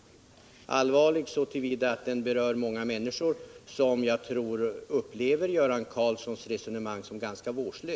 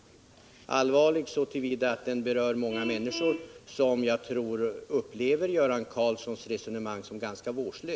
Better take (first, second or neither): first